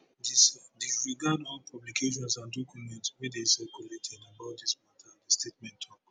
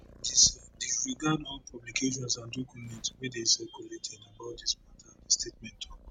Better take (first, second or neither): first